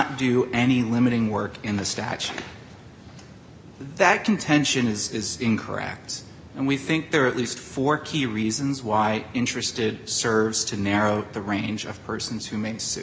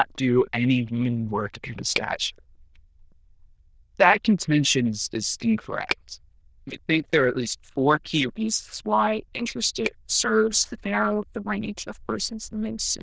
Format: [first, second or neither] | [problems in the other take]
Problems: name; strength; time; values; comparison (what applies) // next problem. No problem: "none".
first | noise reduction (neural diffusion model UNIVERSE++)